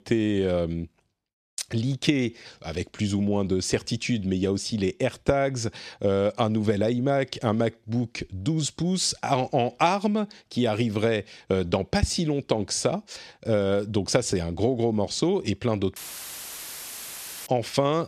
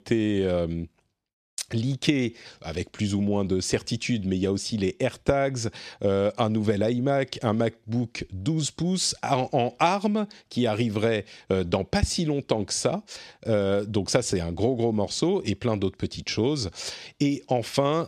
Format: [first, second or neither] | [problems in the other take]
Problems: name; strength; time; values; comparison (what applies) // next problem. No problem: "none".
second | audio cutting out; filled with static; at 16 s for 1.5 s